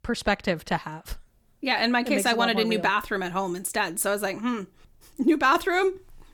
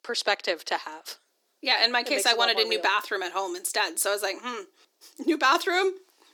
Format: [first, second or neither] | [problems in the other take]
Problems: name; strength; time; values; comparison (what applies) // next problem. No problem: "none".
first | thin; somewhat; fading below 300 Hz